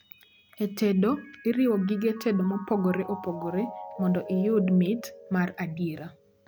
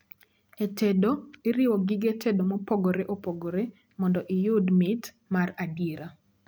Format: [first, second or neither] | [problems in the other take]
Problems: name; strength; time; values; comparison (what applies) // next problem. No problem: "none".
second | background sound (Mallet percussion); 16 dB below the speech